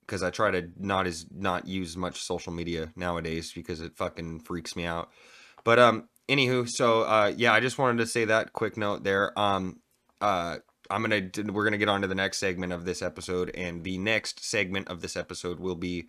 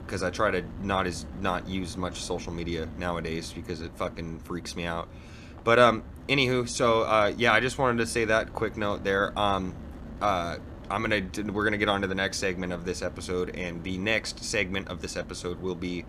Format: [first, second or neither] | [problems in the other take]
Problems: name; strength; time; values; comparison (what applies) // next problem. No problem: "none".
first | wind noise on the microphone; occasional gusts; 20 dB below the speech